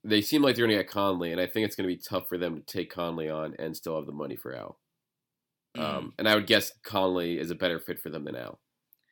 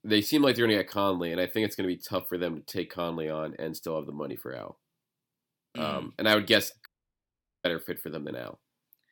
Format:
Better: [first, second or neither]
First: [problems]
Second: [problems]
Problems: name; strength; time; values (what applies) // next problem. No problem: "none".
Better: first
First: none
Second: audio cutting out; at 7 s for 1 s